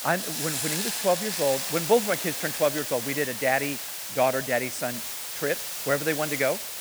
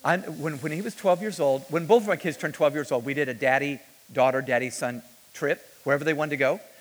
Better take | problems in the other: second | hiss; loud; throughout; 2 dB below the speech; faint in the second

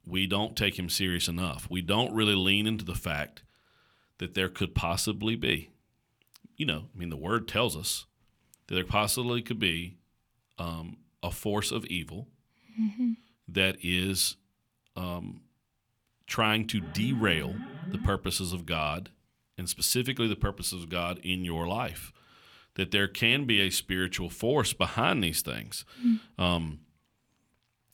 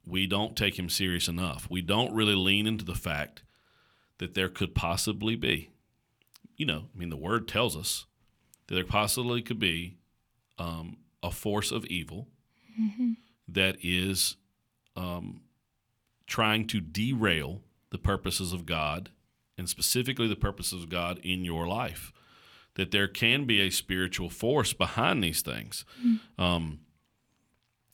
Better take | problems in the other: second | alarm; noticeable; from 17 to 18 s; peak 10 dB below the speech

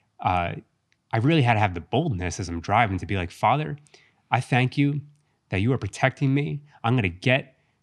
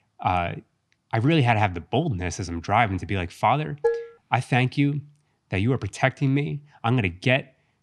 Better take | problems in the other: first | clattering dishes; noticeable; at 4 s; peak 2 dB below the speech

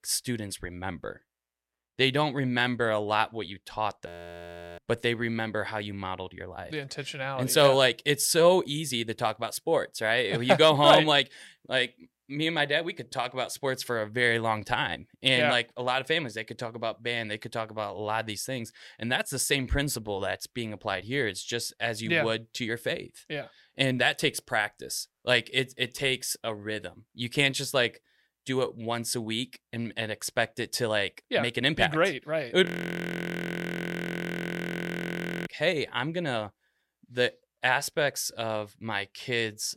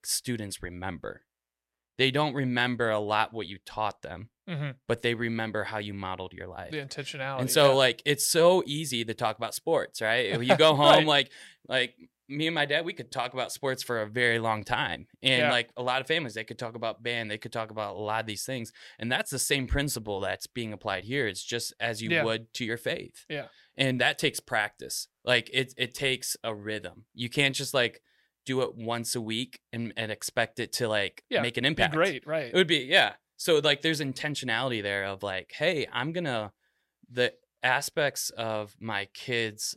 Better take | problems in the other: second | audio freezing; at 4 s for 0.5 s and at 33 s for 3 s

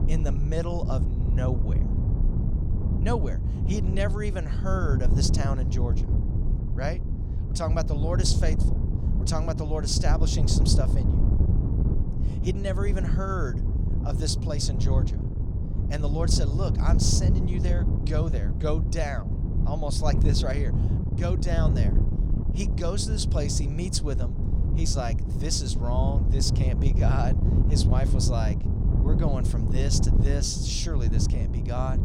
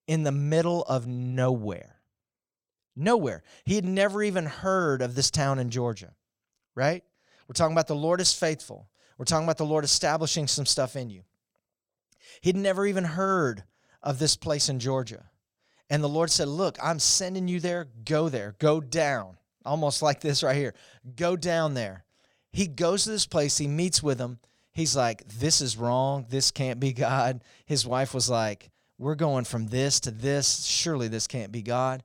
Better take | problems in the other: second | wind noise on the microphone; heavy; 6 dB below the speech

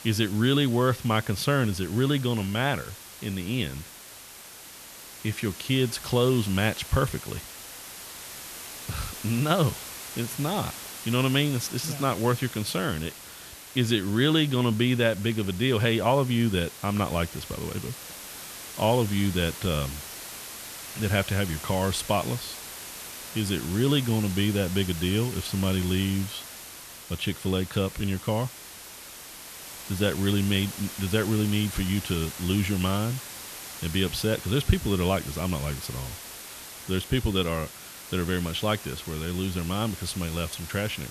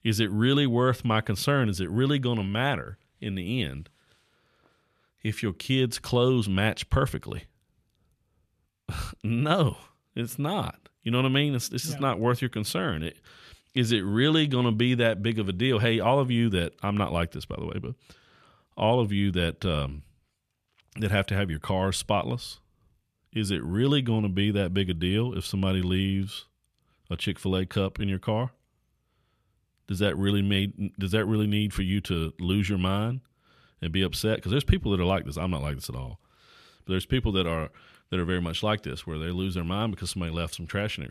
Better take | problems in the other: second | hiss; noticeable; throughout; 10 dB below the speech

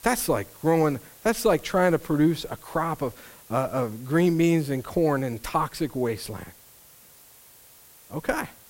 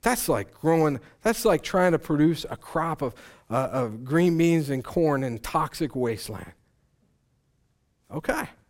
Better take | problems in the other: second | hiss; faint; throughout; 25 dB below the speech

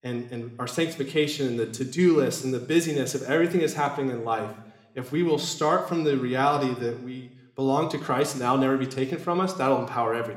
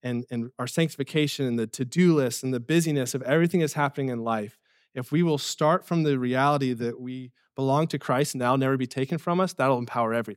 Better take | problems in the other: second | room echo; slight; dies away in 0.8 s

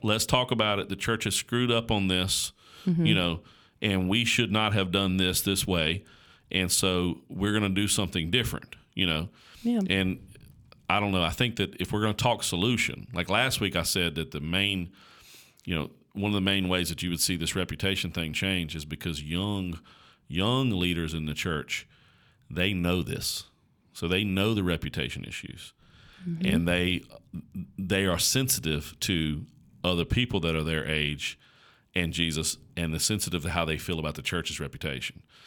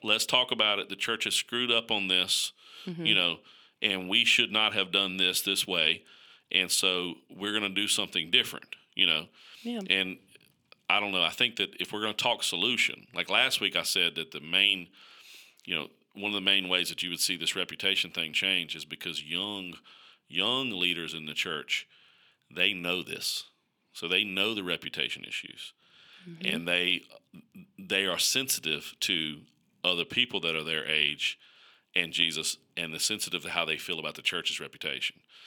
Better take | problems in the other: first | thin; somewhat; fading below 300 Hz

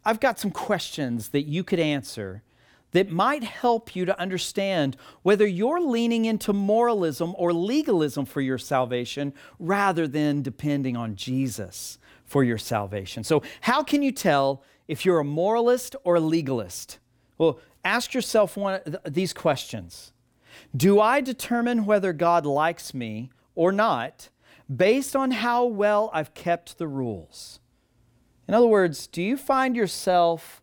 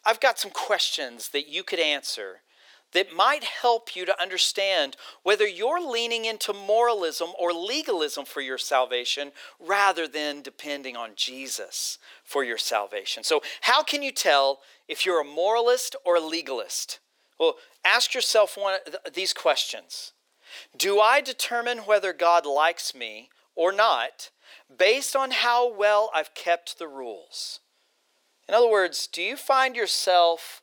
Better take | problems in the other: first | thin; very; fading below 450 Hz

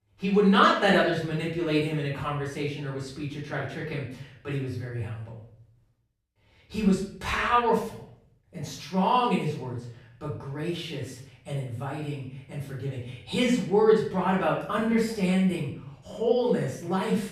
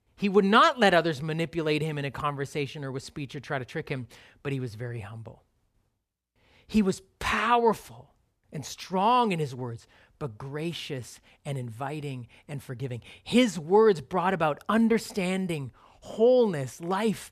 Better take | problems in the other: second | off-mic speech; far // room echo; noticeable; dies away in 0.6 s

